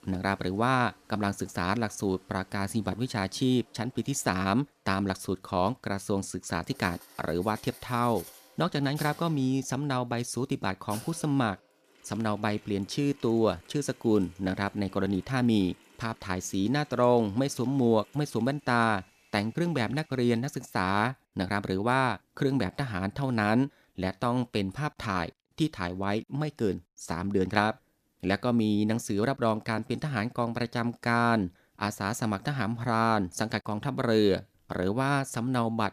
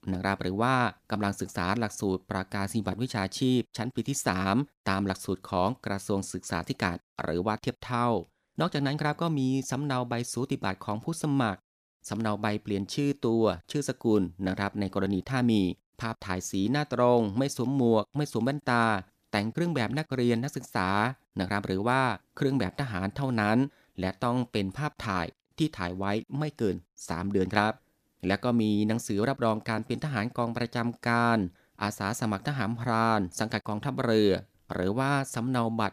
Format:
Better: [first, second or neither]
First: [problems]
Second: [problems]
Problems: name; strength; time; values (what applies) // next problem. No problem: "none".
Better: second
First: household noises; faint; until 20 s; 25 dB below the speech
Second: none